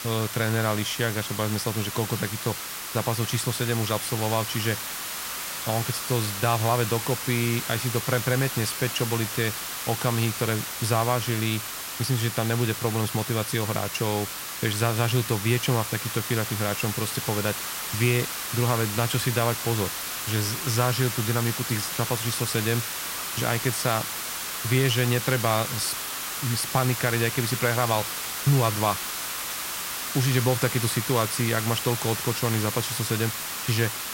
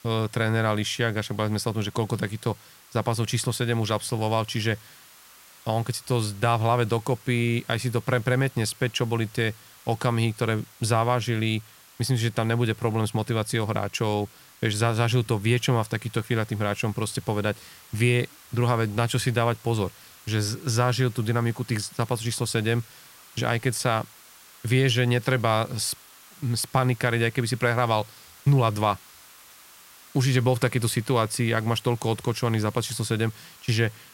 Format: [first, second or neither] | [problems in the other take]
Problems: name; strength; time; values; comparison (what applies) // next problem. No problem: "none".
second | hiss; loud; throughout; 3 dB below the speech; faint in the second